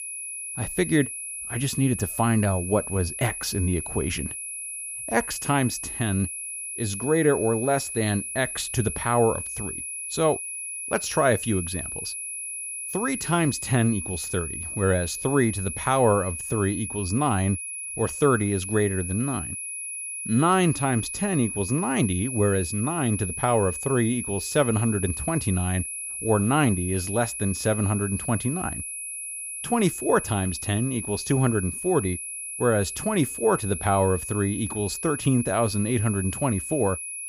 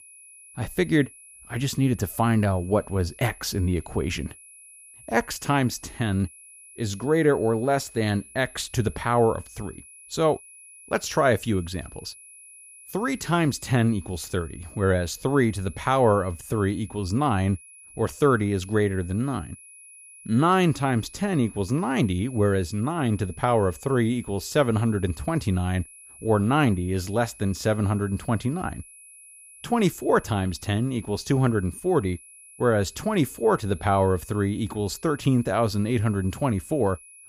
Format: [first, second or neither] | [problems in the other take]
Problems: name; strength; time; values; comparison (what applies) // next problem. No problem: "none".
second | high-pitched whine; loud; throughout; 10.5 kHz, 6 dB below the speech; faint in the second